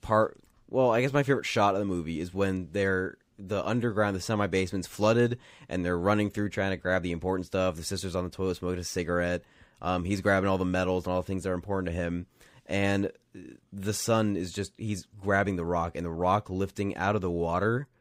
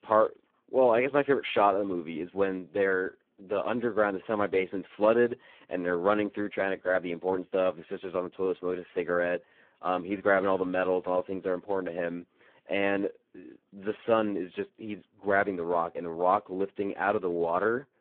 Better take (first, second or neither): first